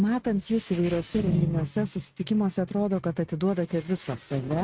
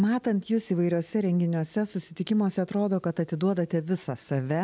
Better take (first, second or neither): second